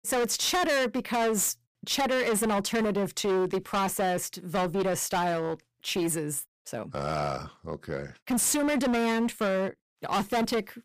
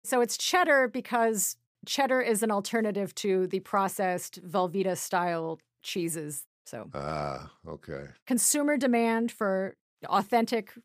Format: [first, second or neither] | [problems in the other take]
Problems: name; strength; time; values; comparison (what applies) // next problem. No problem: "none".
second | distortion; heavy; 21% of the sound clipped